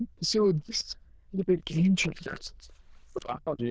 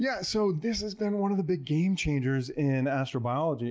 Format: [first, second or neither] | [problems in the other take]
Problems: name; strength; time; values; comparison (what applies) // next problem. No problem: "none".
second | noise reduction (neural diffusion model UNIVERSE++)